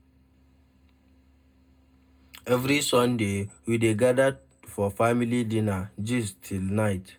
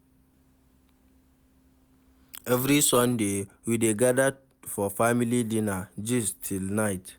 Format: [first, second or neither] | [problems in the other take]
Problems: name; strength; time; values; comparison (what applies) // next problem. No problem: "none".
second | room echo; dies away in 0.2 s